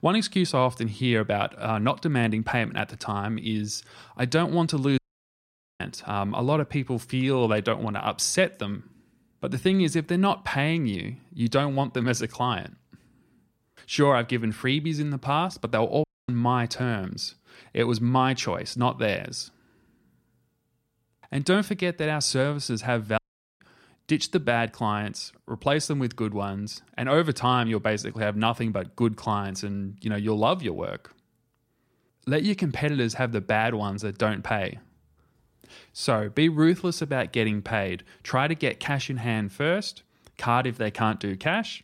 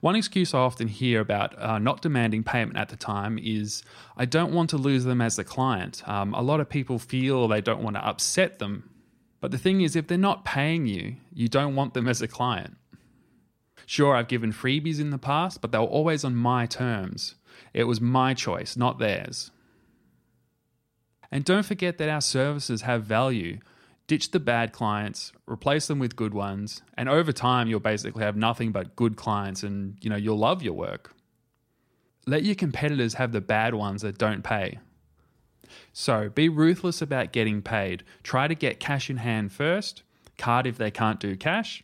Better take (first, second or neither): second